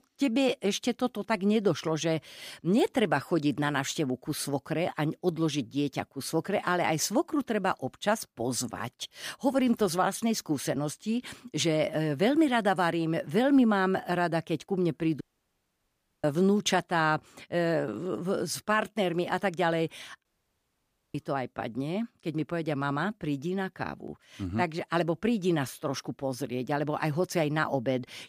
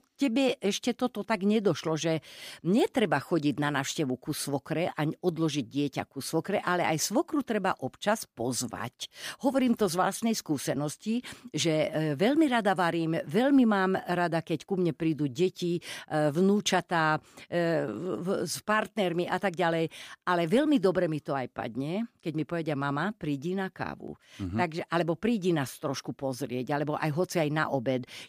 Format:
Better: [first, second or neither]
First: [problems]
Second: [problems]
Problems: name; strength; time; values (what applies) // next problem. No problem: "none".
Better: second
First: audio cutting out; at 15 s for 1 s and at 20 s for 1 s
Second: none